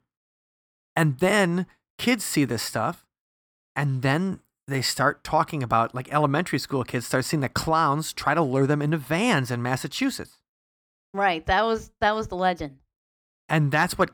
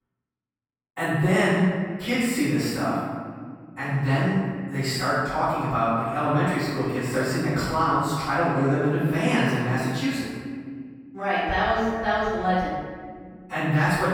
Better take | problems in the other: first | off-mic speech; far // room echo; strong; dies away in 1.7 s

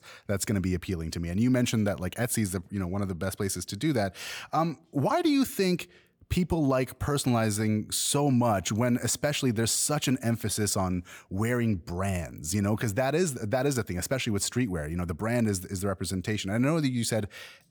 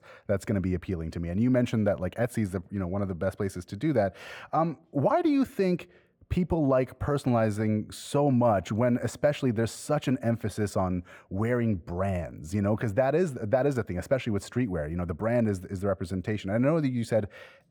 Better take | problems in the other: first | muffled; very; fading above 3 kHz

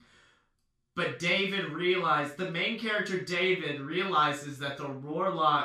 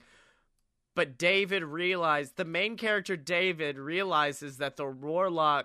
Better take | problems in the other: second | room echo; noticeable; dies away in 0.3 s // off-mic speech; far

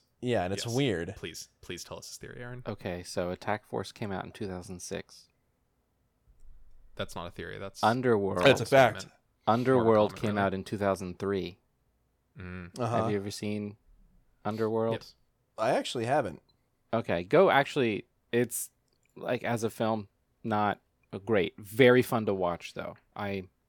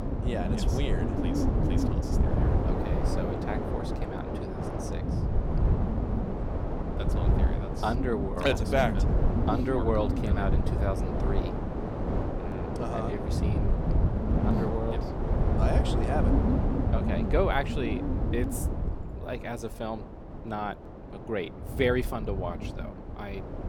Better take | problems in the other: first | wind noise on the microphone; heavy; 3 dB below the speech

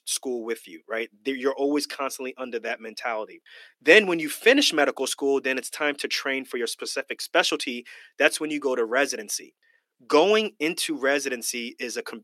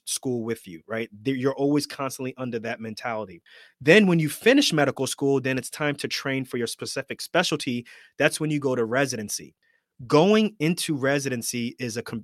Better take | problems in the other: second | thin; somewhat; fading below 300 Hz

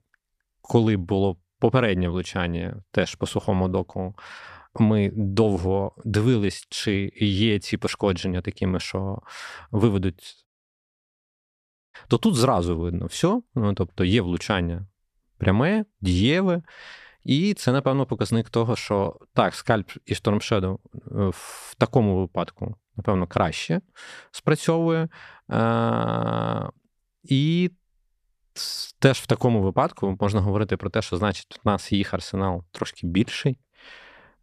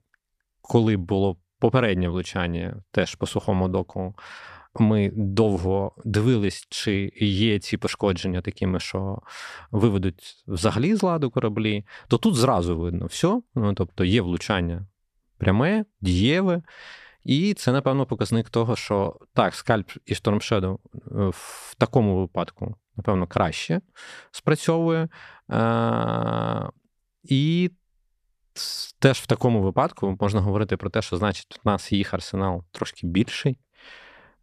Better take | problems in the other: second | audio cutting out; at 10 s for 1.5 s

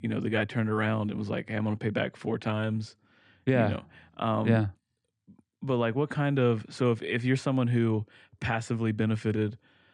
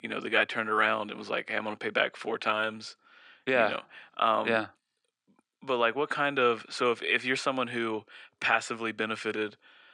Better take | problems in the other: first | thin; very; fading below 500 Hz

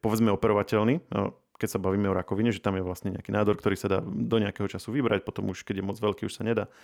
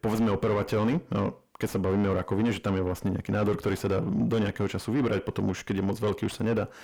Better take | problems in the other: first | distortion; heavy; 6 dB below the speech

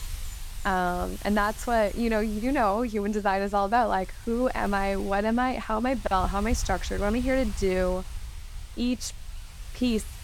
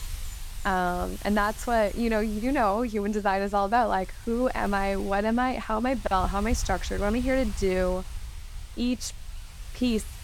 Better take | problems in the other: neither | wind noise on the microphone; occasional gusts; 20 dB below the speech; the same in both

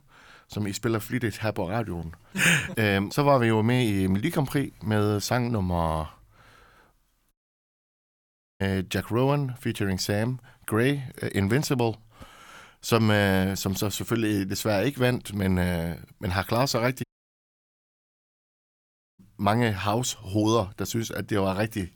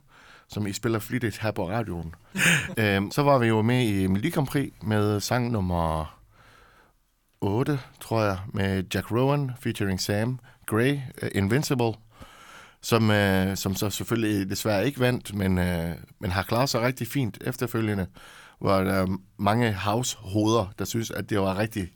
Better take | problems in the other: second | audio cutting out; at 7.5 s for 1.5 s and at 17 s for 2 s

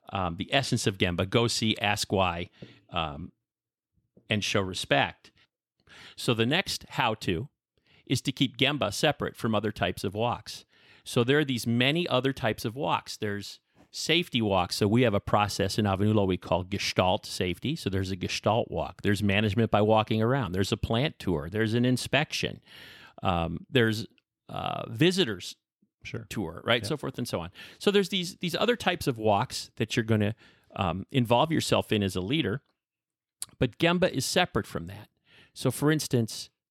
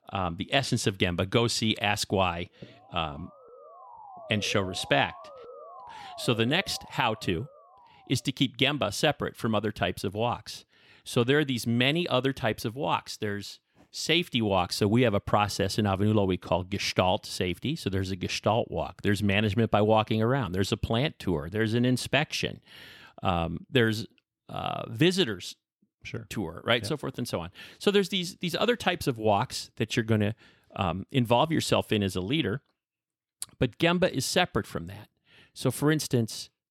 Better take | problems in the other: first | siren; faint; from 2.5 to 8 s; peak 15 dB below the speech

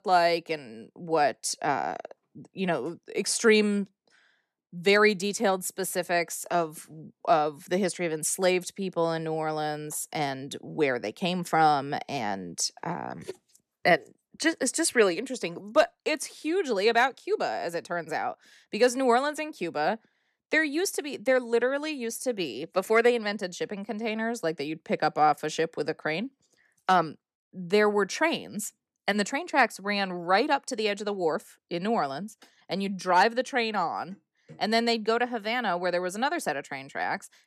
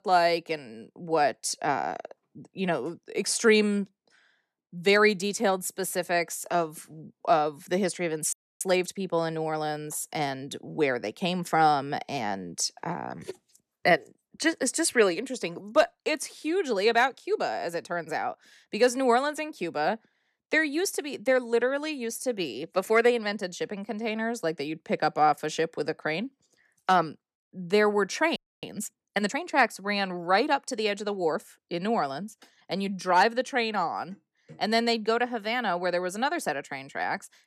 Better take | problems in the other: first | audio freezing; at 8.5 s and at 28 s

